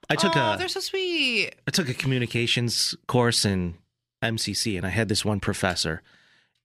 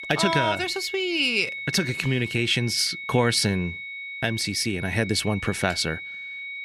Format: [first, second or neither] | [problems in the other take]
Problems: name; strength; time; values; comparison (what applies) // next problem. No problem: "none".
first | high-pitched whine; loud; throughout; 2 kHz, 9 dB below the speech